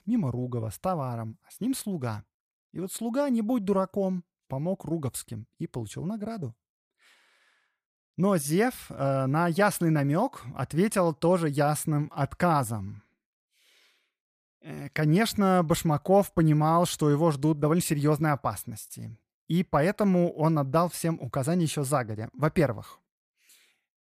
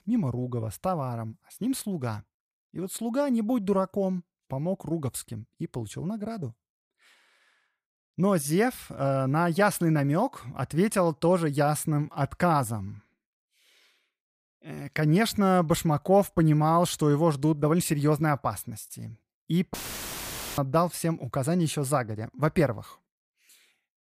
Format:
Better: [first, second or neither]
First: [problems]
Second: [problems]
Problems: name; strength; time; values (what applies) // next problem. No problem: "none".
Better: first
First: none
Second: audio cutting out; filled with static; at 20 s for 1 s